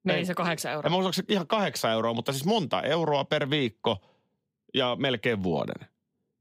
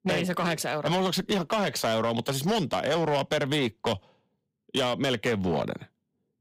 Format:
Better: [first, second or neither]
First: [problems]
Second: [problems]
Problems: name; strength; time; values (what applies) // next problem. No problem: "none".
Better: first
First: none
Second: distortion; slight; 10% of the sound clipped